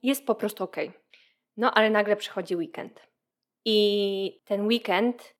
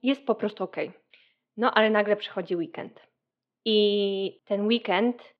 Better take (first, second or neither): first